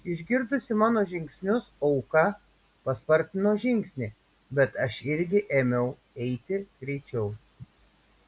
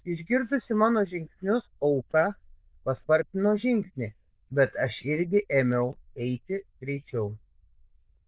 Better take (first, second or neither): first